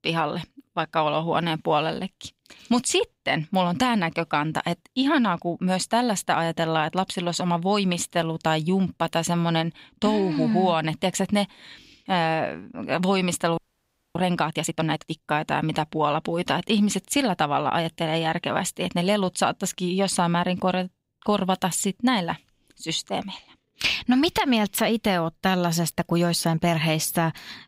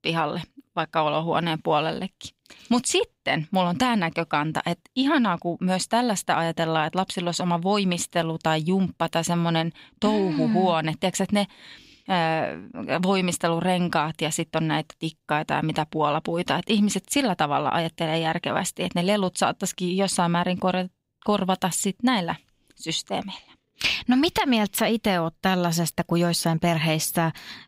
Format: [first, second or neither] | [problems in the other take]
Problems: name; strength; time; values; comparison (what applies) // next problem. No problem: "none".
second | audio freezing; at 14 s for 0.5 s